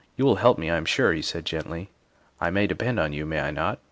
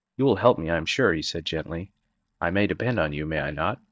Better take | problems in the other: first | noise reduction (neural mask model DeepFilterNet 3)

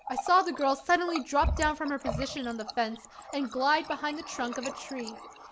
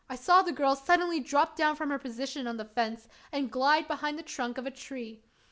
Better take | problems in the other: second | background sound (Water tap, faucet); 9 dB below the speech

